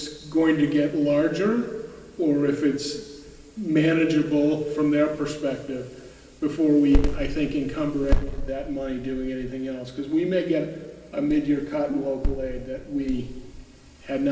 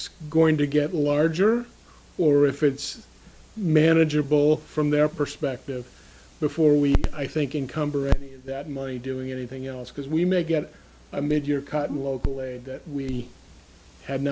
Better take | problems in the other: second | room echo; dies away in 2.6 s

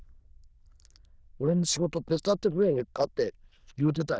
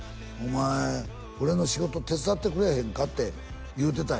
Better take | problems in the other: second | noise reduction (neural diffusion model UNIVERSE++)

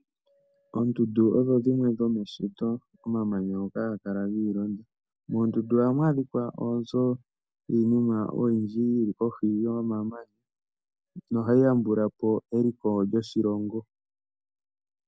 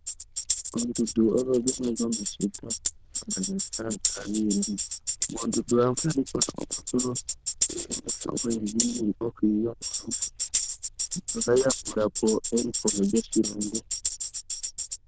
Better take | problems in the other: first | noise reduction (neural diffusion model UNIVERSE++)

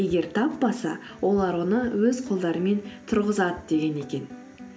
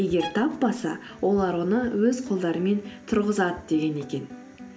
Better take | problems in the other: first | background sound (Bowed string instrument); 17 dB below the speech

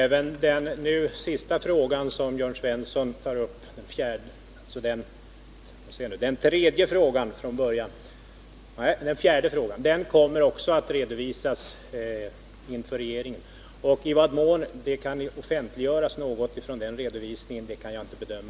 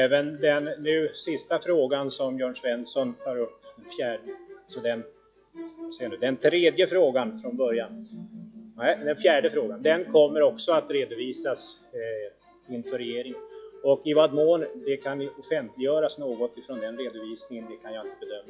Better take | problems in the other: first | noise reduction (classical method log-MMSE)

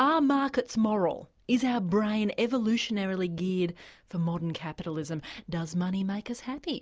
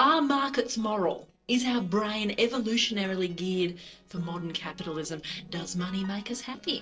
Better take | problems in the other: first | noise reduction (neural separator model SepFormer DNS4)

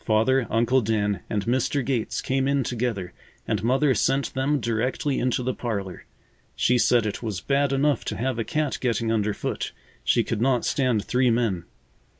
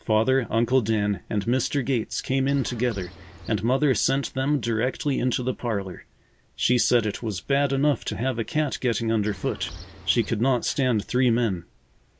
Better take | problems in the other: first | background sound (Bird); 16 dB below the speech

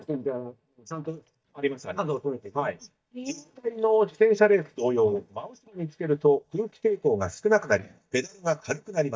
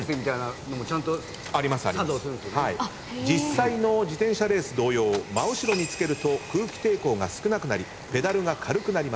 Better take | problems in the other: second | noise reduction (neural mask model DeepFilterNet 3)

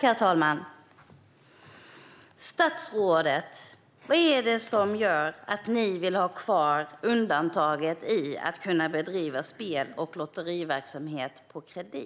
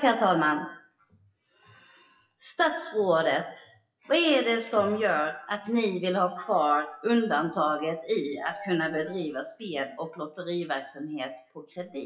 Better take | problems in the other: first | noise reduction (classical method WPE with log-MMSE)

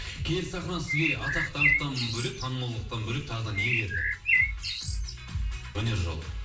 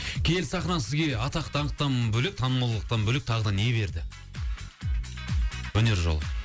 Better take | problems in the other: second | background sound (Bird); 3 dB above the speech // room echo; dies away in 0.7 s

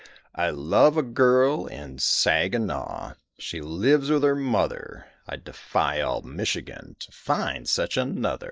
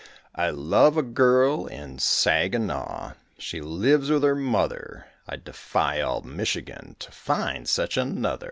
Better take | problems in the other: second | noise reduction (neural mask model Resemble Enhance denoiser)

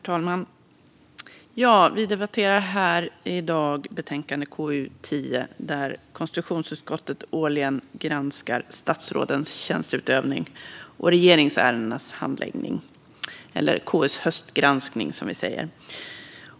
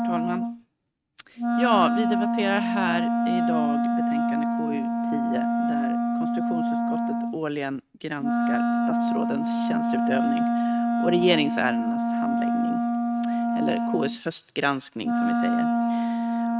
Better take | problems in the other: first | noise reduction (neural mask model RNNoise)

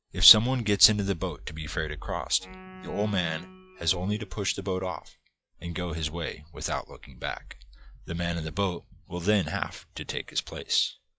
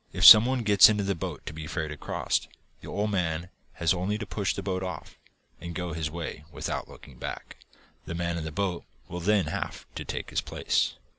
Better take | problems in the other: second | noise reduction (classical method log-MMSE)

